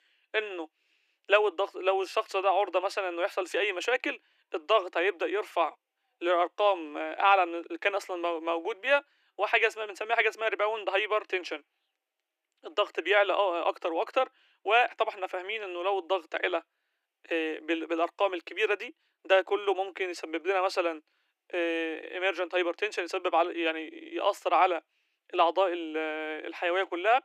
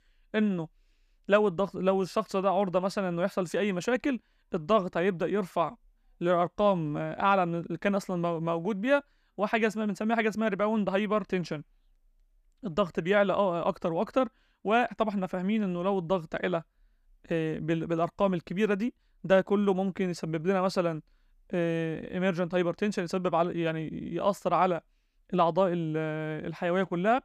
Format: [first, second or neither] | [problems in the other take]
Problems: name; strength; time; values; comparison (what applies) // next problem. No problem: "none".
second | thin; very; fading below 300 Hz